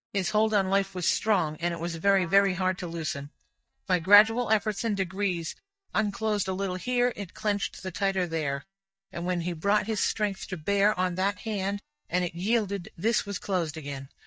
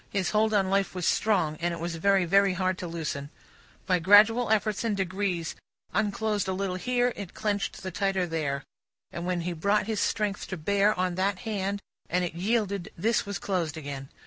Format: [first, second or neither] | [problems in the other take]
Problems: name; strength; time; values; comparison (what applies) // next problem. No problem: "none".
second | noise reduction (neural mask model DeepFilterNet 3)